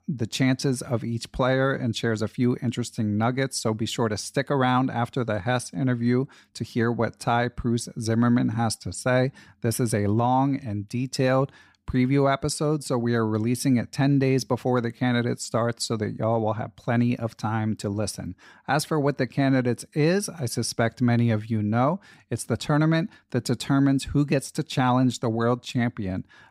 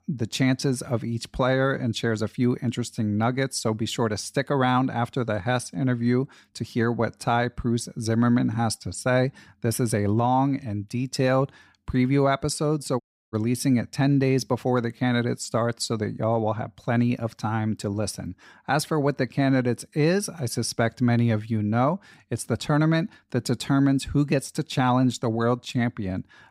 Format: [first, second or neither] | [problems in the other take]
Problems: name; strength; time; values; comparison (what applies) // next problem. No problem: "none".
first | audio cutting out; at 13 s